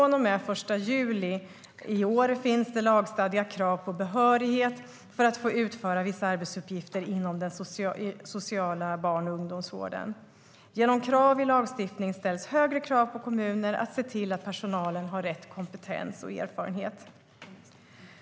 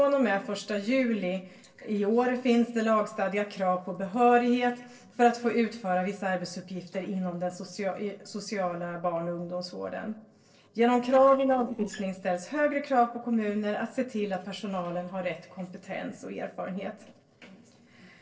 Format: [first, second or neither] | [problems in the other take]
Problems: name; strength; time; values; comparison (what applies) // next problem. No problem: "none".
first | noise reduction (neural separator model SepFormer DNS4)